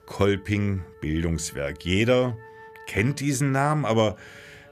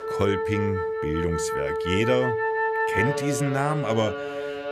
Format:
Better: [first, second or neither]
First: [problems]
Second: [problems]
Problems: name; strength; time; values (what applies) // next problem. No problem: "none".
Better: first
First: background music; faint; throughout; 25 dB below the speech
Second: background music; loud; throughout; as loud as the speech